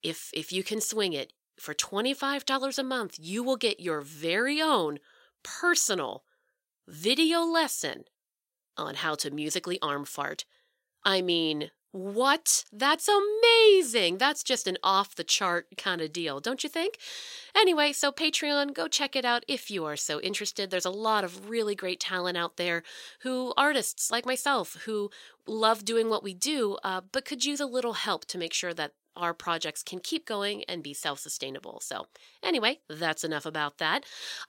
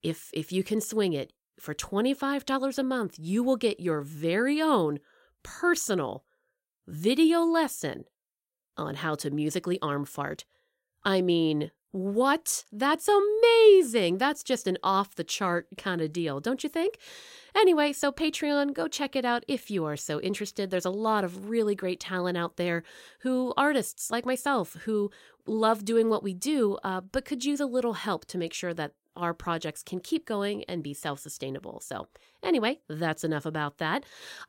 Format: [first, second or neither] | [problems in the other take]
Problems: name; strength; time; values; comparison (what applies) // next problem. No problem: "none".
second | thin; very slightly; fading below 950 Hz